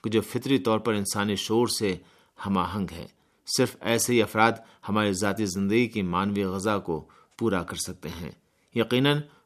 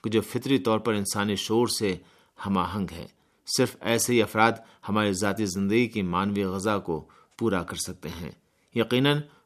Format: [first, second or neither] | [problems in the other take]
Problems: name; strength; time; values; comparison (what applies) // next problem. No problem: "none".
neither | none